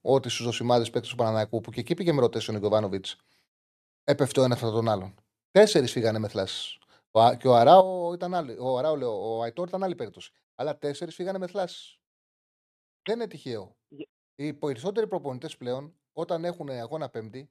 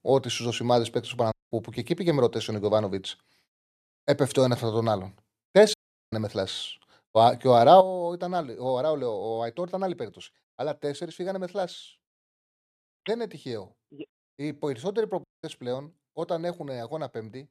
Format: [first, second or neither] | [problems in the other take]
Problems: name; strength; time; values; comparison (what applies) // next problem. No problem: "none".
first | audio cutting out; at 1.5 s, at 5.5 s and at 15 s